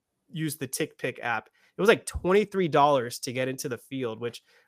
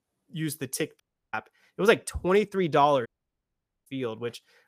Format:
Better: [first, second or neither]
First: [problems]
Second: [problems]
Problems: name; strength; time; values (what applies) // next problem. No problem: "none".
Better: first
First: none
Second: audio cutting out; at 1 s and at 3 s for 1 s